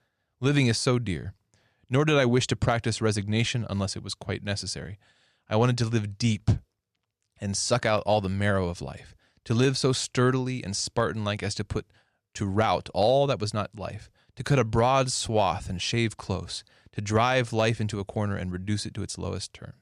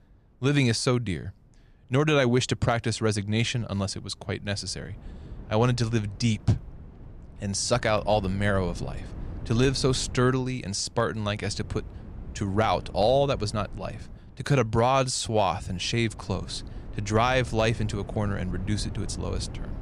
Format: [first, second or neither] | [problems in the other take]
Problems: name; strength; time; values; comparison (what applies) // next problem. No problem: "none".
first | wind noise on the microphone; occasional gusts; 25 dB below the speech